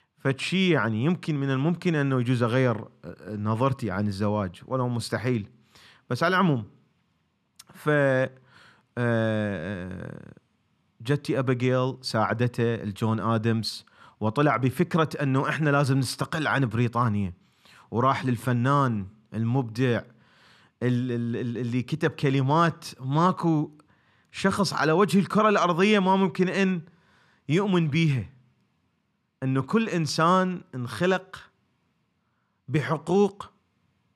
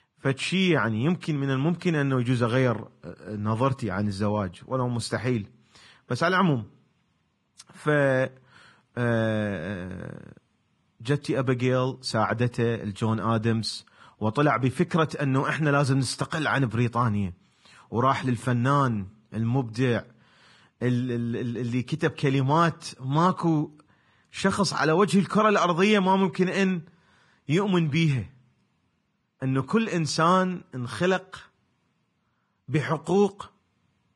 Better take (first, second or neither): first